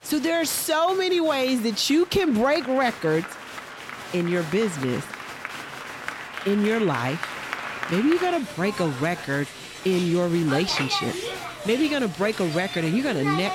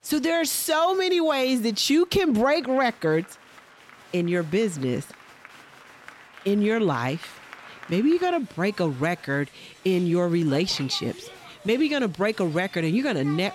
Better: second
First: crowd noise; loud; throughout; 10 dB below the speech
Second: crowd noise; faint; throughout; 20 dB below the speech

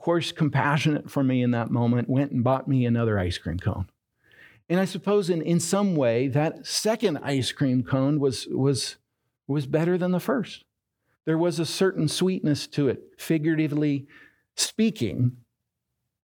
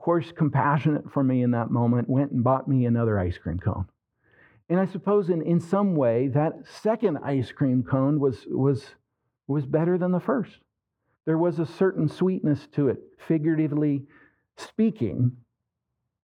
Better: first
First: none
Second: muffled; very; fading above 2.5 kHz

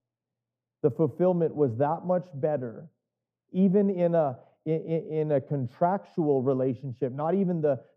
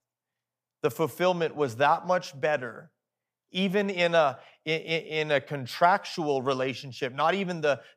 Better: second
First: muffled; very; fading above 1 kHz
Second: none

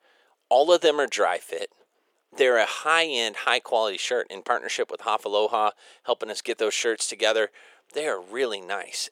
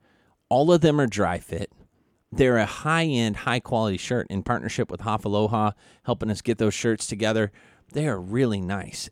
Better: second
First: thin; very; fading below 450 Hz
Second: none

